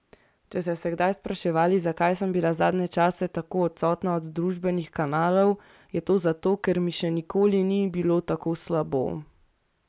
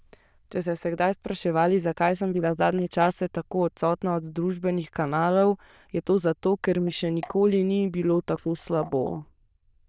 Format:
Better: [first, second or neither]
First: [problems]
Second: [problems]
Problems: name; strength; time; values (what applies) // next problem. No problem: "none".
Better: first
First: none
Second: noise reduction (neural diffusion model UNIVERSE++)